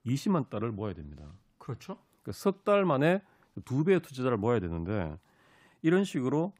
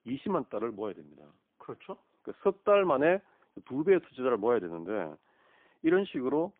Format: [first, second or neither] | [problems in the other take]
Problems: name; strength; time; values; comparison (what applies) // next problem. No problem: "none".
first | phone-call audio; poor line